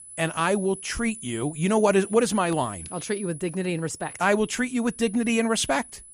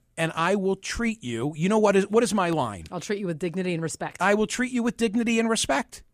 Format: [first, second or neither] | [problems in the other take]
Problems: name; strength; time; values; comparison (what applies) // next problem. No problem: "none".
second | high-pitched whine; noticeable; throughout; 10 kHz, 15 dB below the speech